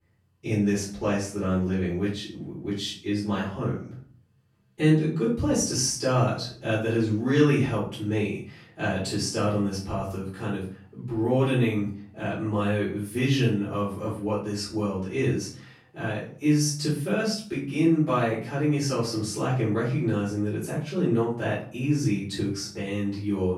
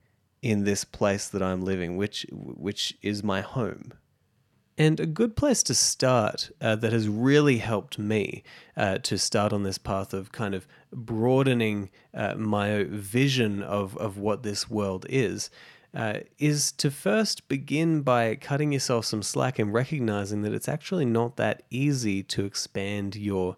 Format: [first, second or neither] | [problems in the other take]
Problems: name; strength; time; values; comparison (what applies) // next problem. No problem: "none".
second | off-mic speech; far // room echo; noticeable; dies away in 0.4 s